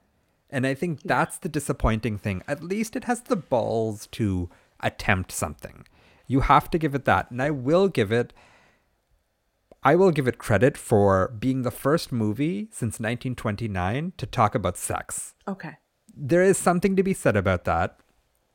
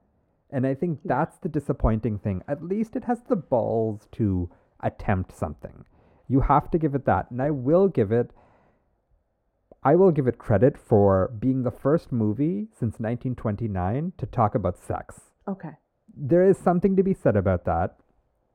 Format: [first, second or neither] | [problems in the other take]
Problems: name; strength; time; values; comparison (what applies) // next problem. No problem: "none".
first | muffled; very; fading above 1.5 kHz